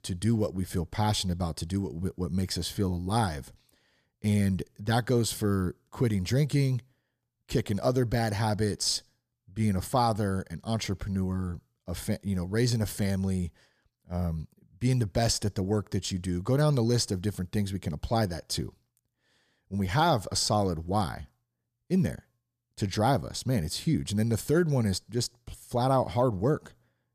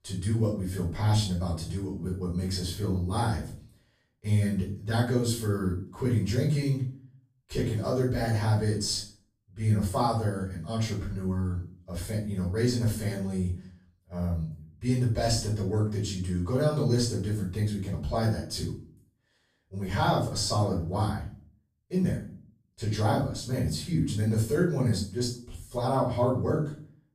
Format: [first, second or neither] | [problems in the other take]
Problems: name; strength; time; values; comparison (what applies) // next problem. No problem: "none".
first | off-mic speech; far // room echo; noticeable; dies away in 0.4 s